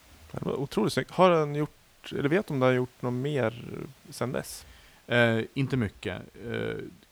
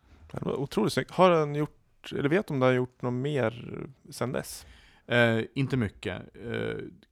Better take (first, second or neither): second